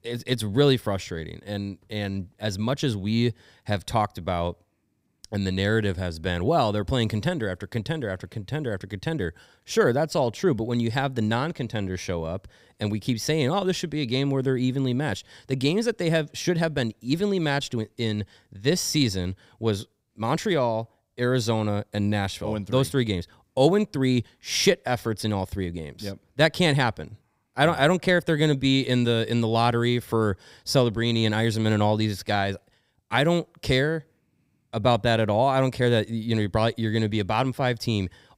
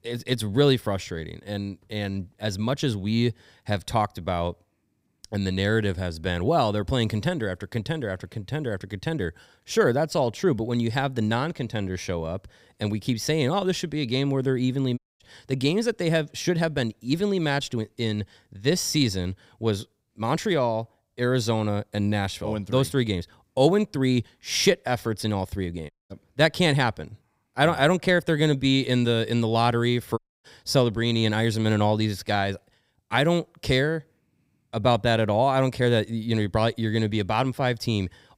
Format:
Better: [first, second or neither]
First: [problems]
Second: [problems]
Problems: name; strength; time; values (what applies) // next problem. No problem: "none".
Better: first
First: none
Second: audio cutting out; at 15 s, at 26 s and at 30 s